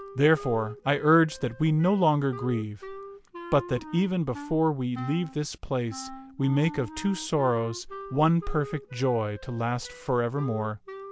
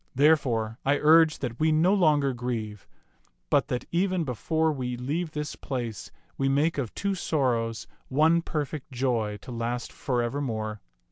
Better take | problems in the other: second | background sound (Wind instrument, woodwind instrument); 16 dB below the speech

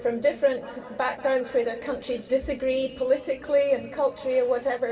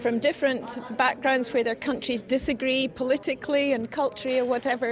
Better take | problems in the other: second | room echo; dies away in 1.8 s

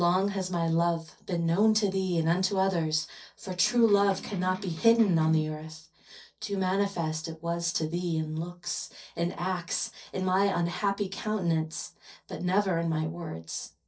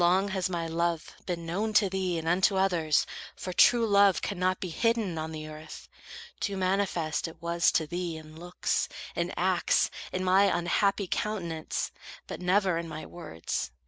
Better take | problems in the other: second | noise reduction (neural separator model SepFormer DNS4)

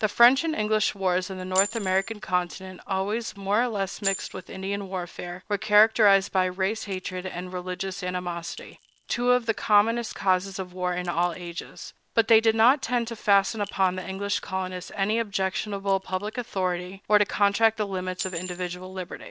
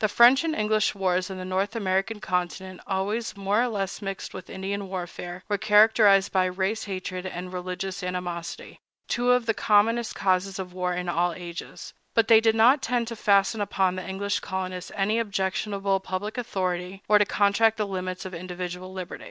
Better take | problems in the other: second | background sound (Chink, clink); 17 dB below the speech

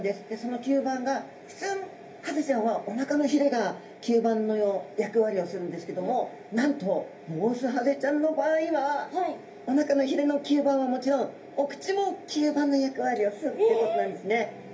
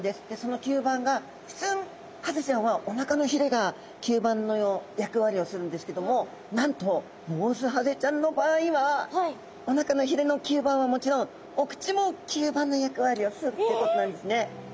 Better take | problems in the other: second | room echo; dies away in 0.3 s

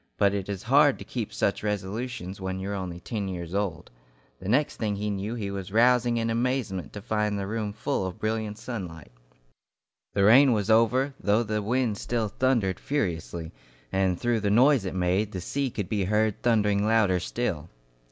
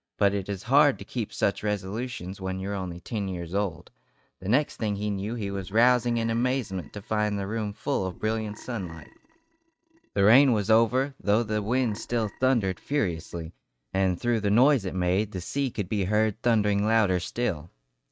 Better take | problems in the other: first | noise reduction (neural mask model RNNoise)

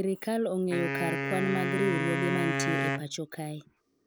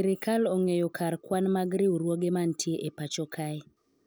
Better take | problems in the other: second | background sound (Wind instrument, woodwind instrument); 1 dB below the speech

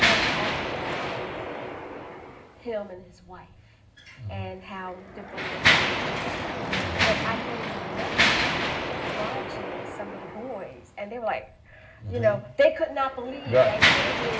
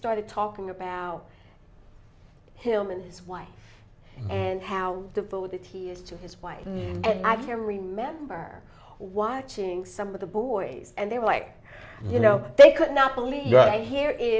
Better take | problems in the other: second | background sound (Mechanisms); 3 dB above the speech // room echo; dies away in 0.4 s

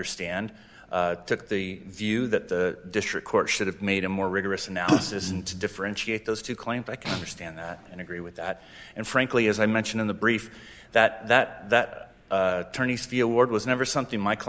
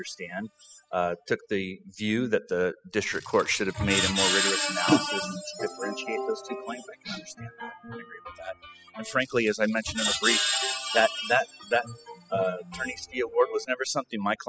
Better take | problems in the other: first | noise reduction (classical method spectral subtraction)

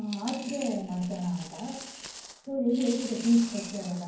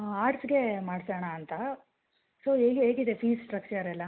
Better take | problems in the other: second | background sound (Coin (dropping)); 14 dB below the speech // room echo; dies away in 0.9 s

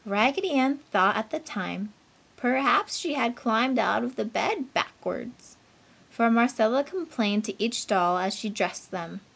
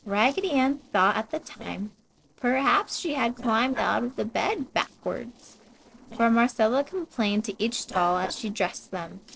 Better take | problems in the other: first | noise reduction (neural separator model SepFormer DNS4)

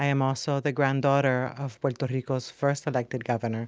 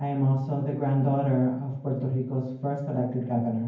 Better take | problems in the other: first | room echo; dies away in 0.9 s

